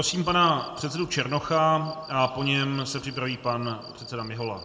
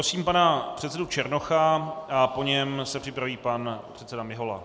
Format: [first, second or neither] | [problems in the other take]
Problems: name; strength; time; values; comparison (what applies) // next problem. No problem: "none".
second | background sound (Cricket); 19 dB below the speech // room echo; dies away in 0.9 s